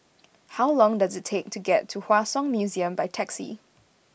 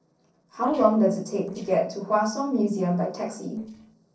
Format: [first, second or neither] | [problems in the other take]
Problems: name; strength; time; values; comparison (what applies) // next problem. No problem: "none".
first | noise reduction (neural separator model SepFormer DNS4)